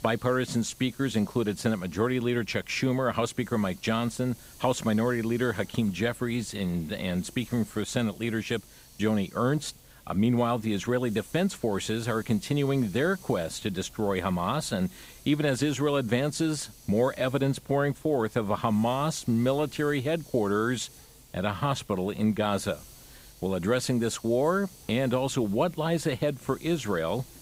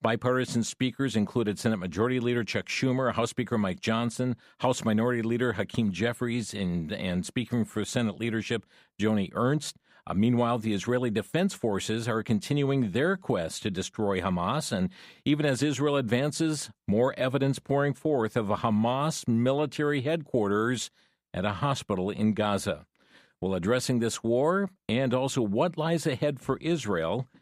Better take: second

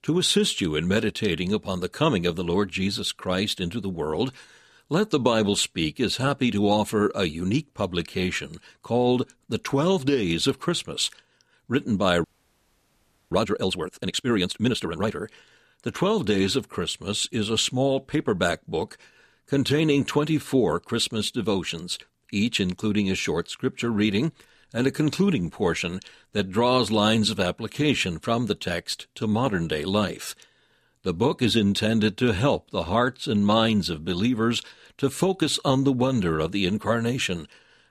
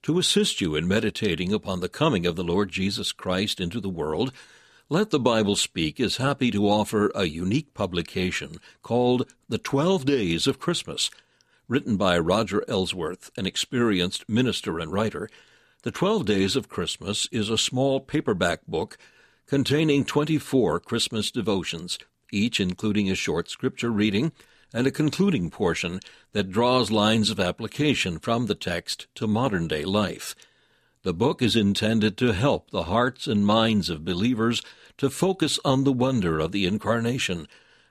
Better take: second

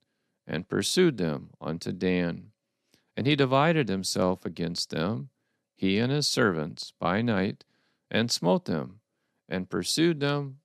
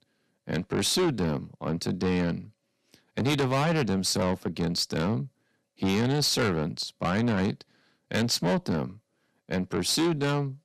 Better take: first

